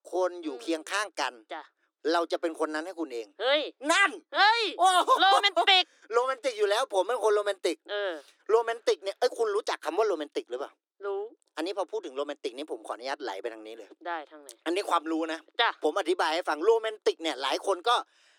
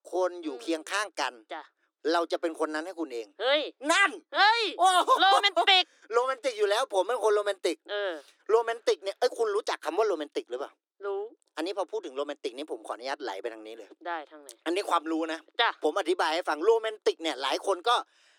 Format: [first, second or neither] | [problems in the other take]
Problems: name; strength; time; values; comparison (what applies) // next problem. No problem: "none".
neither | thin; very; fading below 300 Hz; the same in both